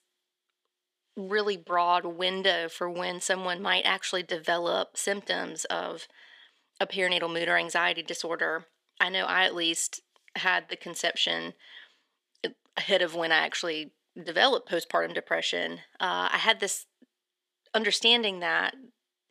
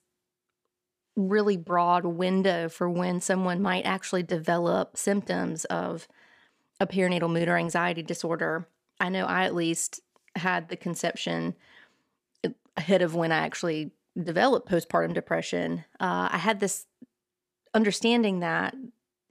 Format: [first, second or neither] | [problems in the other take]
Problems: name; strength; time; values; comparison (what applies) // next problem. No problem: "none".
second | thin; somewhat; fading below 400 Hz